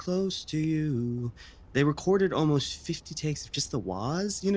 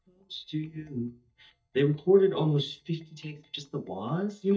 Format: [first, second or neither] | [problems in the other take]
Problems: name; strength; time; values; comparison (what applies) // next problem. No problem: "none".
first | noise reduction (neural mask model DeepFilterNet 3)